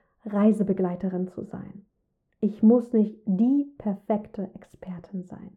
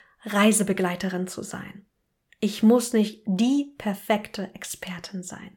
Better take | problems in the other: second | muffled; very; fading above 1.5 kHz

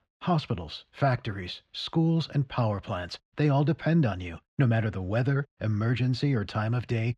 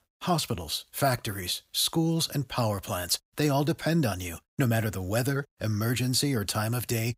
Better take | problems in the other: second | muffled; slightly; fading above 3 kHz

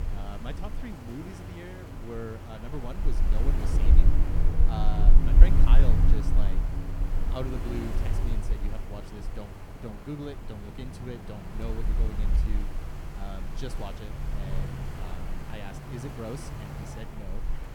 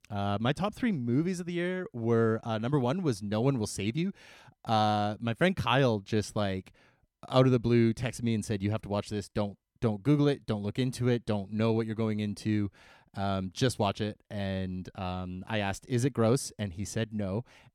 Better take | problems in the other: second | wind noise on the microphone; heavy; as loud as the speech

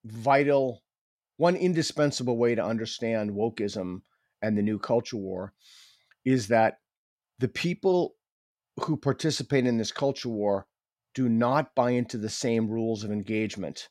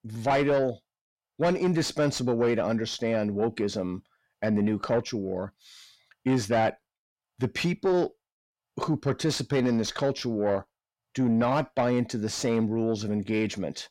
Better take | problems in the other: first | distortion; slight; 10 dB below the speech

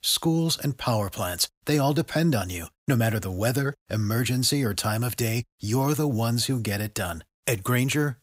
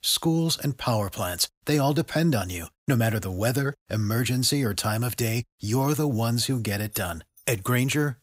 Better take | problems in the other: first | jangling keys; faint; at 7 s; peak 10 dB below the speech

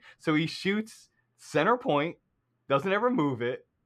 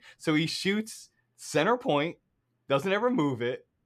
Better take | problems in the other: second | muffled; very slightly; fading above 4 kHz

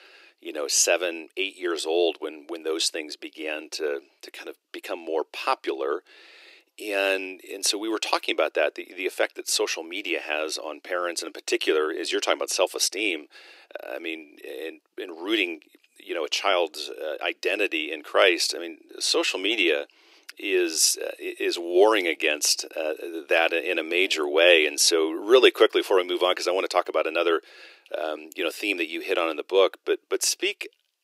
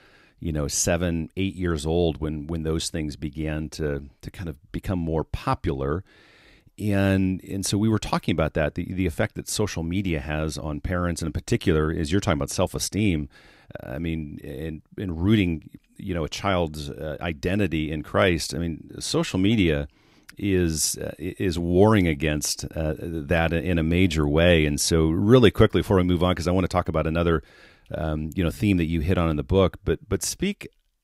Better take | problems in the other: second | thin; very; fading below 350 Hz

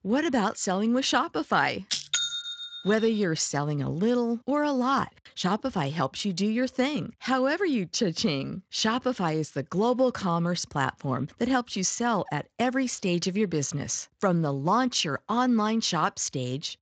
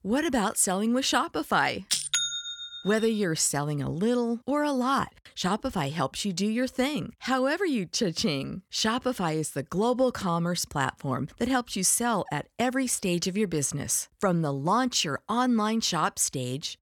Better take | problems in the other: second | garbled, watery; slightly; nothing above 7.5 kHz

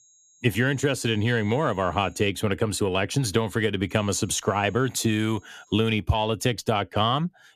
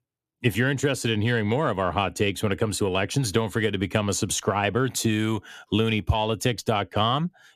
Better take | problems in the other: second | high-pitched whine; faint; until 2.5 s and from 4 to 6 s; 6.5 kHz, 30 dB below the speech

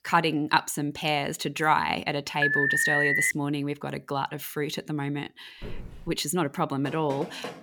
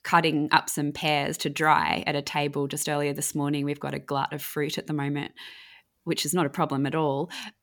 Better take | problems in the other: second | alarm; loud; at 2.5 s; peak 6 dB above the speech // footsteps; faint; at 5.5 s; peak 15 dB below the speech // door banging; faint; at 7 s; peak 10 dB below the speech

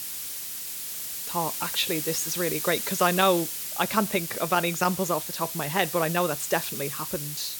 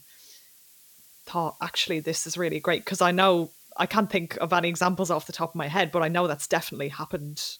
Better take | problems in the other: second | hiss; loud; throughout; 4 dB below the speech; faint in the second

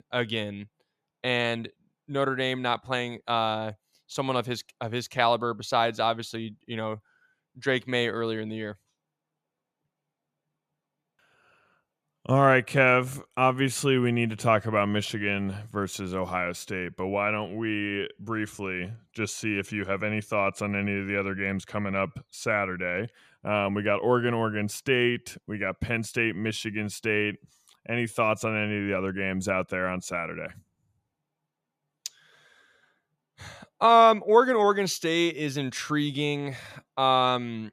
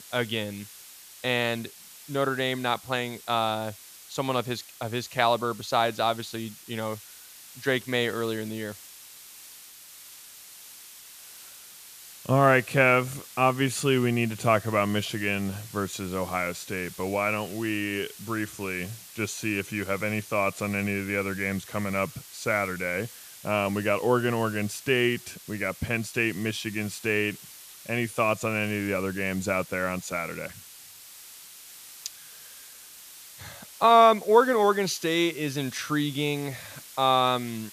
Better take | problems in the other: first | hiss; noticeable; throughout; 15 dB below the speech

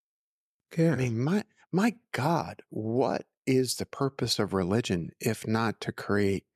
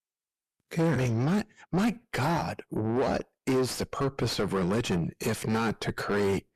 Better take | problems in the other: first | distortion; heavy; 5 dB below the speech

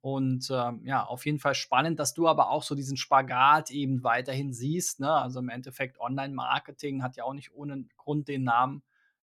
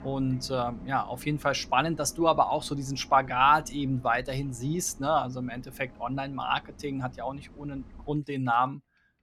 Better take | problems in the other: first | traffic noise; faint; throughout; 20 dB below the speech

